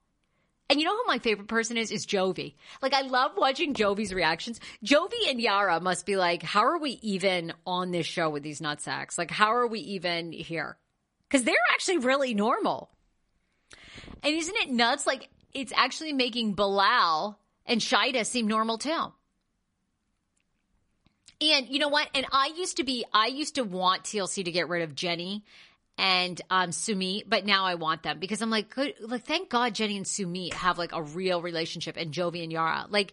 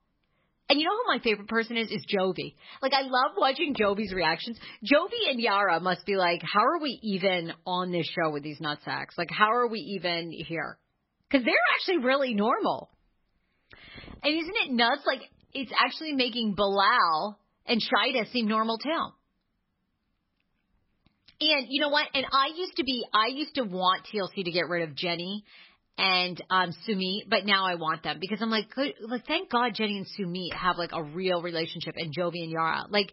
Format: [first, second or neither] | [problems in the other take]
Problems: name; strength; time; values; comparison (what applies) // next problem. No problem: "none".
first | garbled, watery; badly; nothing above 5 kHz; slightly in the first